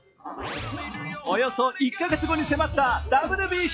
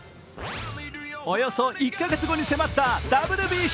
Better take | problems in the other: second | noise reduction (classical method log-MMSE)

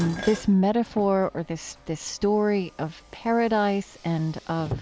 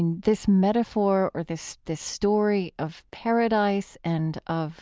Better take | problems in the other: second | background sound (Car + Dishes, pots, and pans); 16 dB below the speech

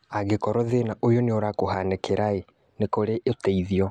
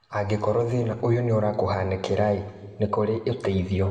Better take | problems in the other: first | room echo; dies away in 1.8 s

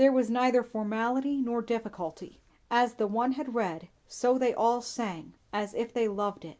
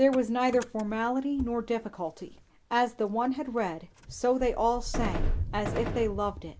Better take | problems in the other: first | background sound (Gunshot, gunfire + Engine starting / Motor vehicle (road)); 7 dB below the speech

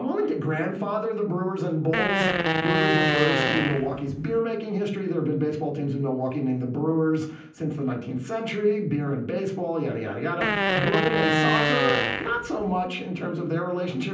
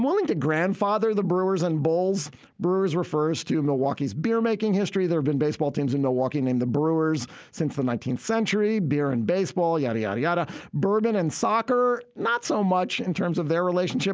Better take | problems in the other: second | background sound (Fart); 2 dB above the speech // room echo; dies away in 0.6 s

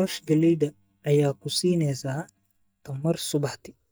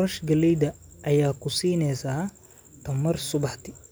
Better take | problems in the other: second | noise reduction (neural mask model DeepFilterNet 3)

